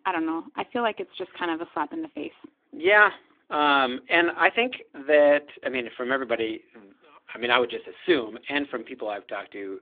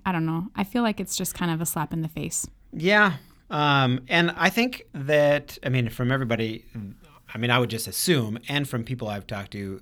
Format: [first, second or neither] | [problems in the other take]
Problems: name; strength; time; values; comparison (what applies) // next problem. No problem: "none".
second | phone-call audio; nothing above 3.5 kHz